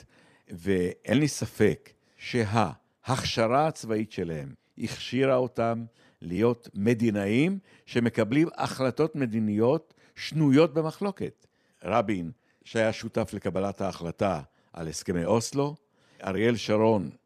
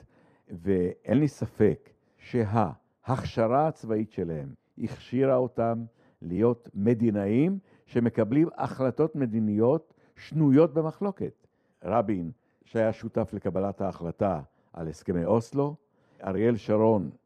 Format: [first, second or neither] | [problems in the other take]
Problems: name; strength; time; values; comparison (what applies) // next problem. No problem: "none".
first | muffled; slightly; fading above 2 kHz